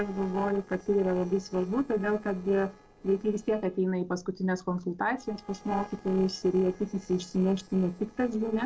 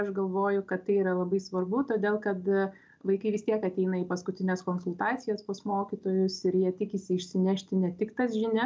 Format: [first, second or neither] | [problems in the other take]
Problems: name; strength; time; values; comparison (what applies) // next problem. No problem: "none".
second | noise reduction (neural separator model SepFormer DNS4)